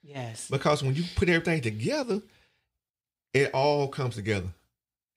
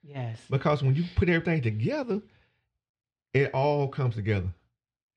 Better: first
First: none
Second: muffled; slightly; fading above 3 kHz

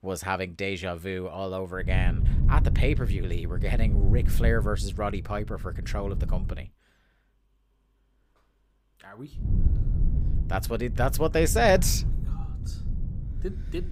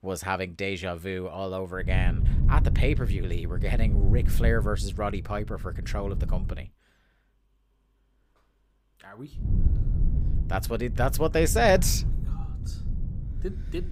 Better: neither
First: low rumble; noticeable; from 2 to 6.5 s and from 9.5 s on; 15 dB below the speech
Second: low rumble; noticeable; from 2 to 6.5 s and from 9.5 s on; 15 dB below the speech

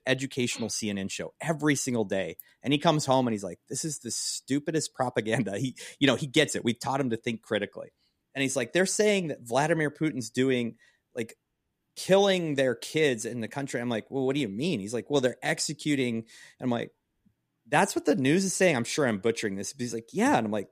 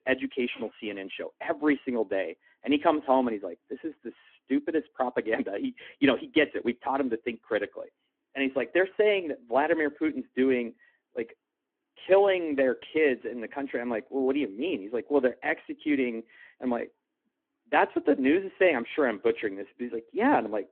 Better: first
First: none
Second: phone-call audio

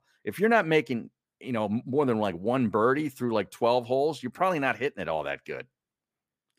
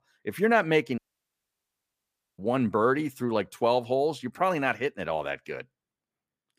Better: first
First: none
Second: audio cutting out; at 1 s for 1.5 s

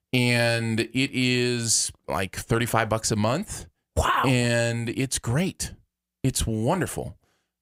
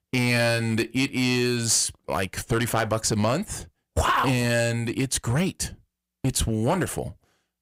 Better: first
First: none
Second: distortion; slight; 4% of the sound clipped

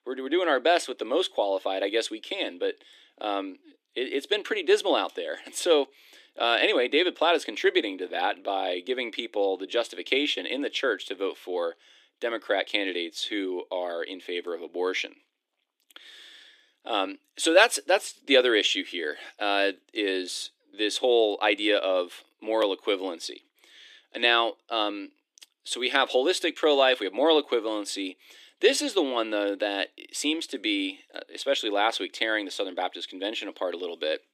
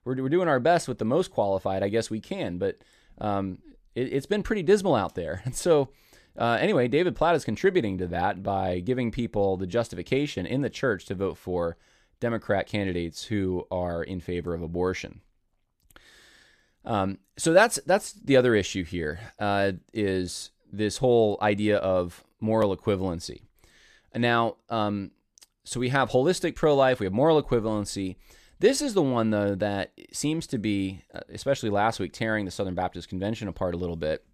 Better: second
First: thin; somewhat; fading below 300 Hz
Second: none

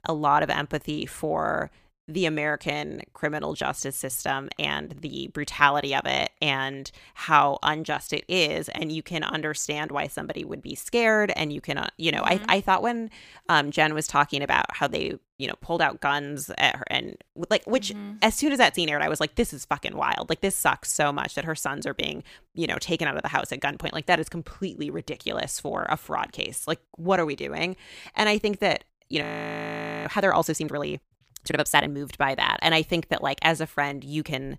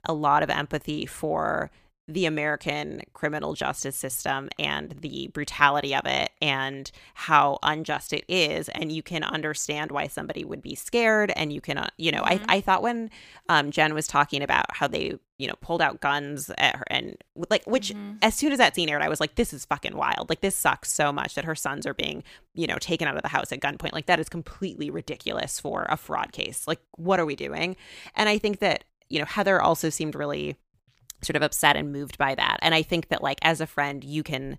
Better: second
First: audio freezing; at 29 s for 1 s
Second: none

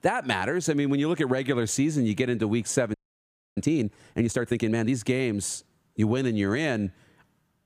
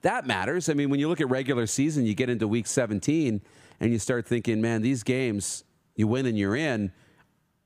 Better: second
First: audio freezing; at 3 s for 0.5 s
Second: none

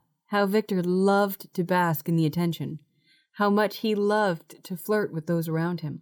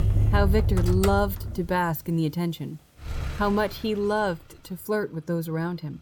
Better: first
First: none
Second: traffic noise; loud; throughout; as loud as the speech

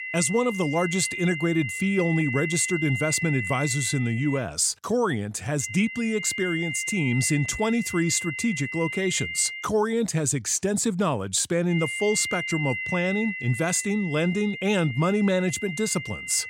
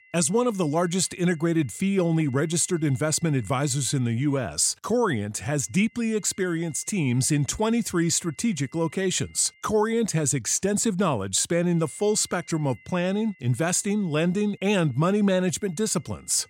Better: second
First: high-pitched whine; loud; until 4.5 s, from 5.5 to 9.5 s and from 12 s on; 2 kHz, 6 dB below the speech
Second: high-pitched whine; faint; until 4.5 s, from 5.5 to 9.5 s and from 12 s on; 2 kHz, 30 dB below the speech

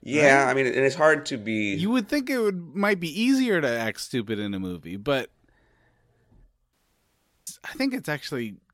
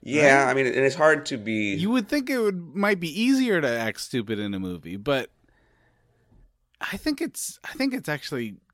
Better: second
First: audio cutting out; at 6.5 s for 0.5 s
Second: none

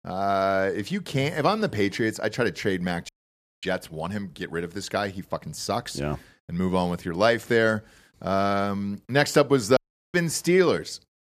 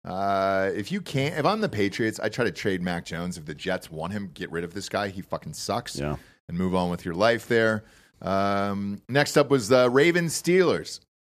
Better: second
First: audio cutting out; at 3 s for 0.5 s and at 10 s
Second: none

